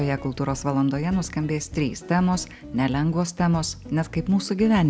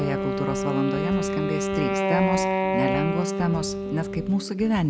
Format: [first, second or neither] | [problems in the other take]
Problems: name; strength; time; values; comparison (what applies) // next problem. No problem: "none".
first | background sound (Wind instrument, woodwind instrument); as loud as the speech